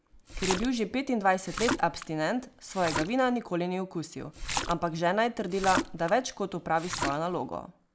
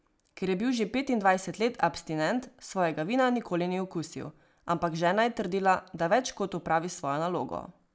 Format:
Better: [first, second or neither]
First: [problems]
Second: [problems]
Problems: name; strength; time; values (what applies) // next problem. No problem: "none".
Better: second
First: background sound (Splash, splatter); 7 dB below the speech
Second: none